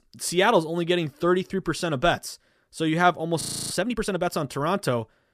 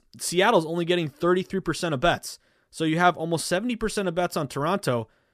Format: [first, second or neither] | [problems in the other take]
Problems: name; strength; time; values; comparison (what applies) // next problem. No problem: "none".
second | audio freezing; at 3.5 s